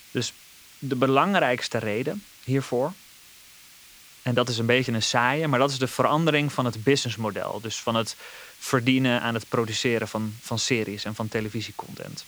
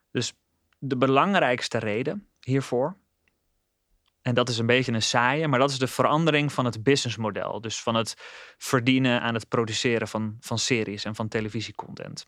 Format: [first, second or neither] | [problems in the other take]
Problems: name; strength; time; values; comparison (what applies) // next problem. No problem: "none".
second | hiss; faint; throughout; 20 dB below the speech